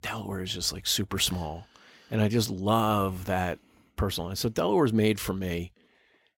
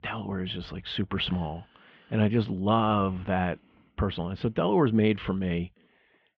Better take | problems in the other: first | muffled; very; fading above 3 kHz

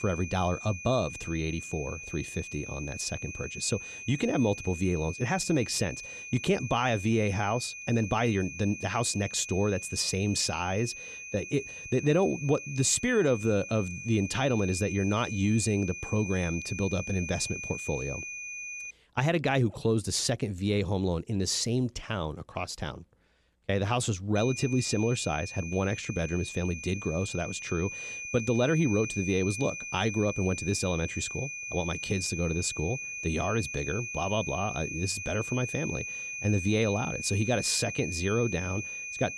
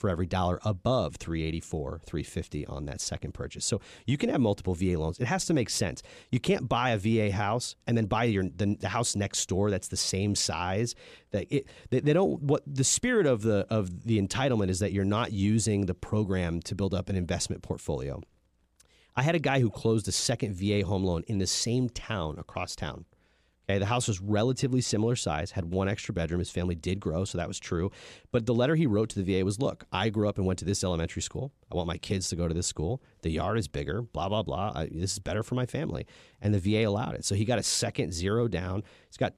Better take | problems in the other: second | high-pitched whine; loud; until 19 s and from 24 s on; 2.5 kHz, 8 dB below the speech

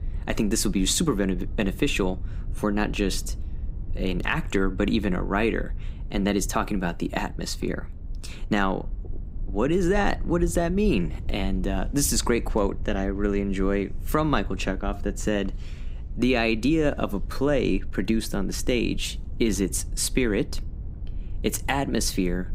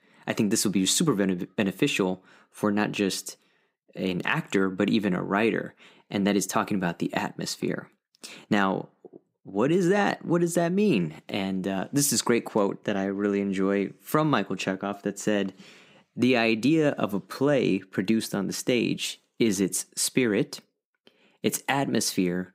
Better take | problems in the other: second | low rumble; faint; throughout; 25 dB below the speech

